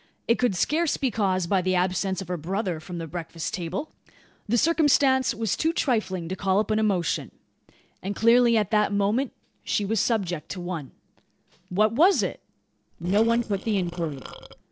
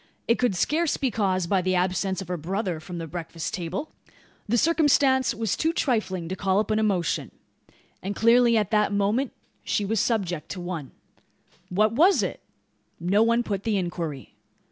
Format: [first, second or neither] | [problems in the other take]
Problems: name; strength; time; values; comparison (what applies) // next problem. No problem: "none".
second | noise reduction (neural separator model SepFormer DNS4)